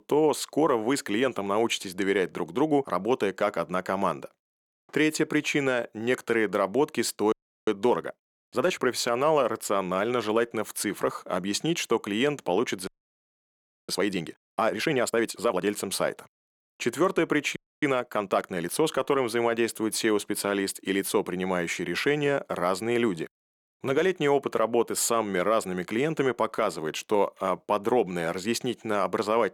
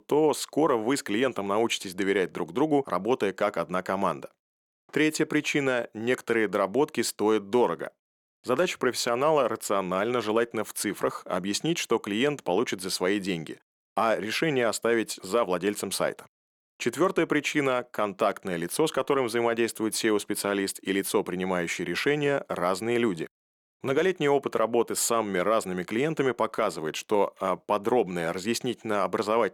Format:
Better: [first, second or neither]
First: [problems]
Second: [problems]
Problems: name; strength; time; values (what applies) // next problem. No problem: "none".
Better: second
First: audio freezing; at 7.5 s, at 13 s for 1 s and at 18 s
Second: none